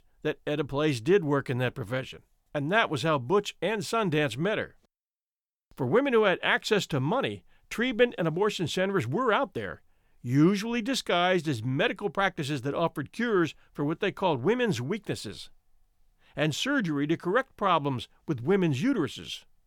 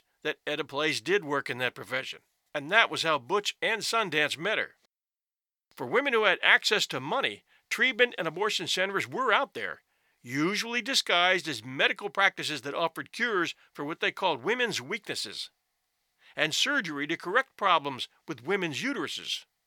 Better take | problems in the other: first | thin; somewhat; fading below 900 Hz

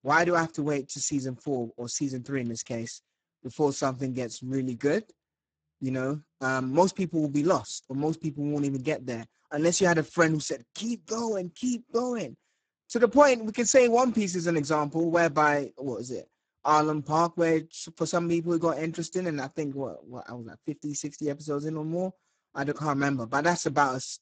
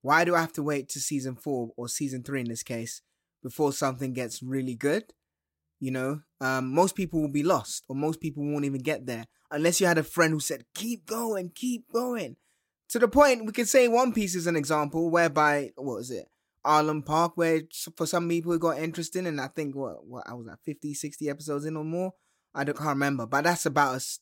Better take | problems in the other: second | garbled, watery; badly; nothing above 7.5 kHz

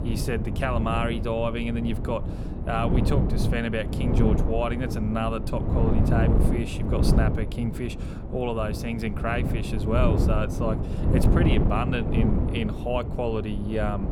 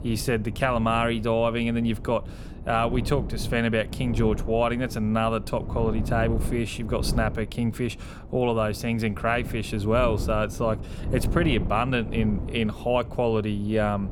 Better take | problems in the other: second | wind noise on the microphone; heavy; 4 dB below the speech; occasional gusts in the second

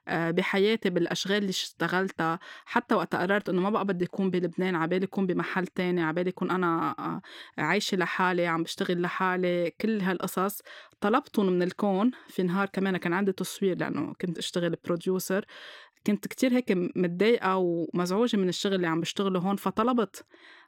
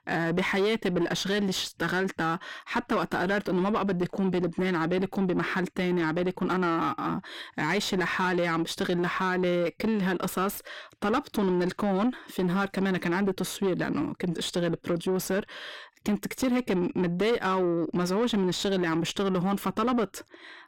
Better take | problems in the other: first | distortion; slight; 10 dB below the speech

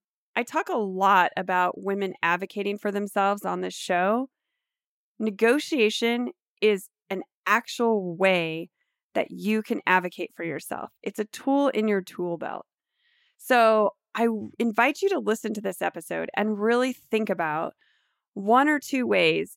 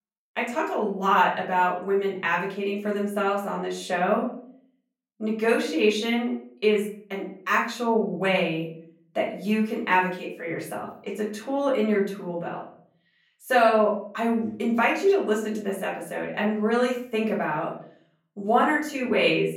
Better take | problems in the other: first | off-mic speech; far // room echo; slight; dies away in 0.5 s

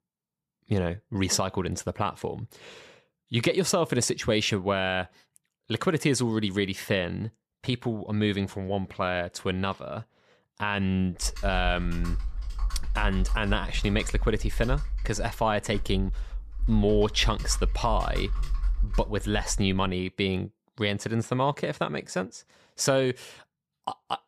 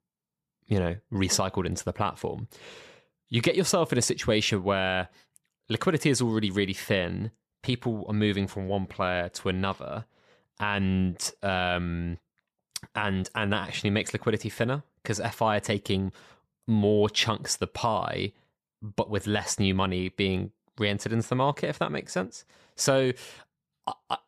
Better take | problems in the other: second | keyboard typing; noticeable; from 11 to 20 s; peak 2 dB below the speech

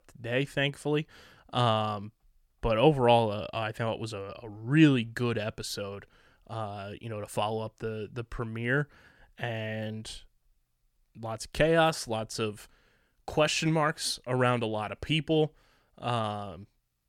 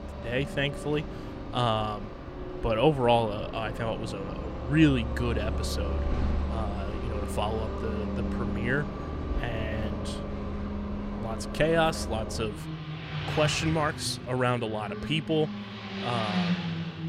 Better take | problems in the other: first | traffic noise; loud; throughout; 5 dB below the speech

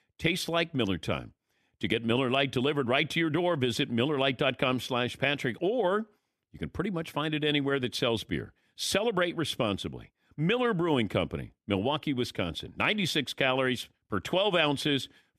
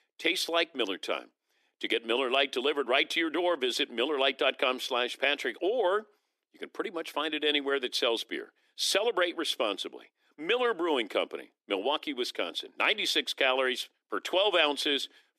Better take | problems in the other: first | thin; somewhat; fading below 300 Hz

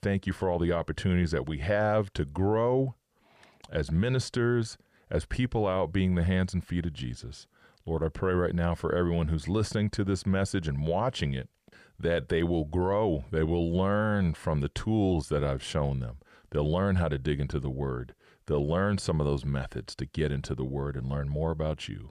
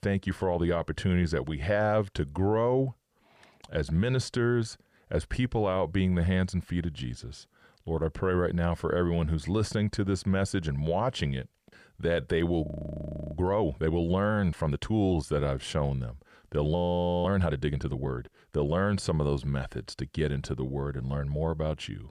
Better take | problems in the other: first | audio freezing; at 13 s for 0.5 s and at 17 s for 0.5 s

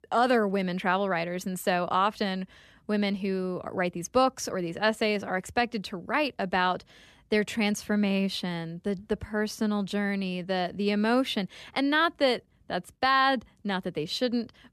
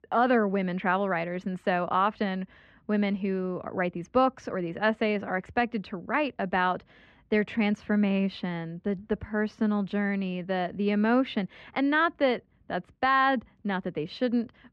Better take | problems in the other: first | muffled; slightly; fading above 2 kHz

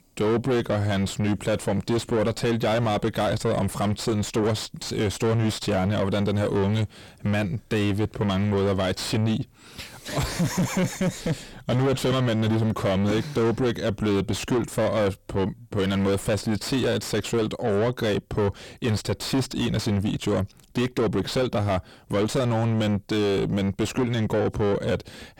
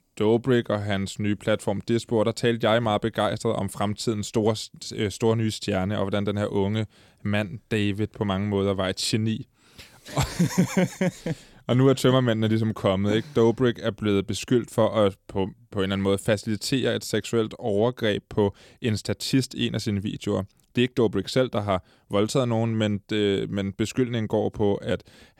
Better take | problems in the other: second | distortion; heavy; 5 dB below the speech

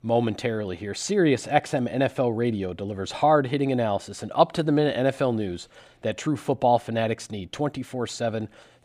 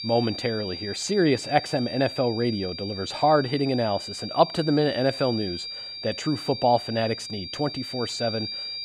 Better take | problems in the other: first | high-pitched whine; loud; throughout; 4.5 kHz, 8 dB below the speech

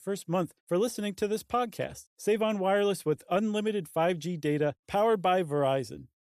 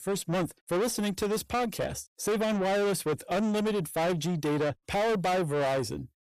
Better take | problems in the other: first | distortion; heavy; 7 dB below the speech

